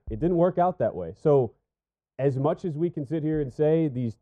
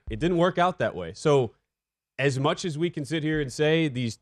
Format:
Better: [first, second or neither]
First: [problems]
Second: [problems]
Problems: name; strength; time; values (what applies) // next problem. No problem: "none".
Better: second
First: muffled; very; fading above 1.5 kHz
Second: none